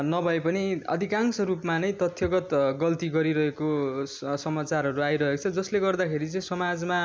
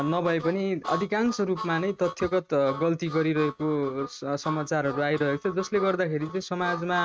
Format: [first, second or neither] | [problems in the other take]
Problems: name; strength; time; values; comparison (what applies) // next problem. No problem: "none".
first | noise reduction (neural mask model RNNoise)